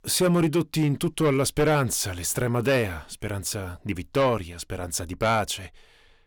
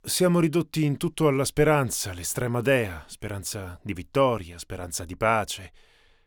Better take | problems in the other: second | distortion; slight; 10 dB below the speech

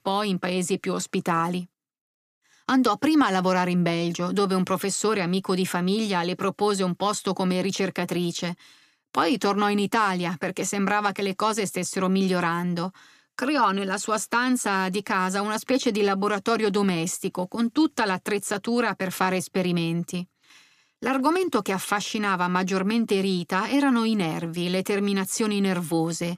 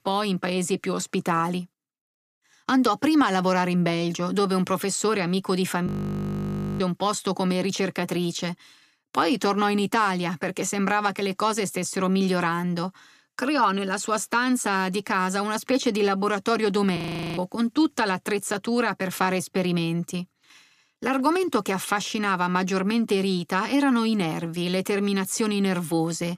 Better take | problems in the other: first | audio freezing; at 6 s for 1 s and at 17 s

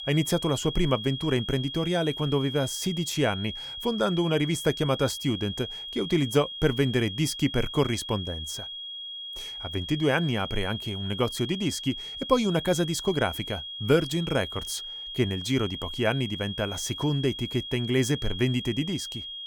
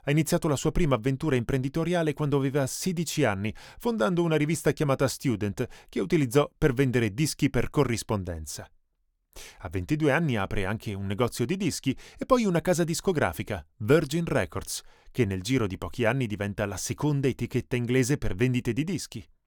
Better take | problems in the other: second | high-pitched whine; loud; throughout; 3.5 kHz, 7 dB below the speech

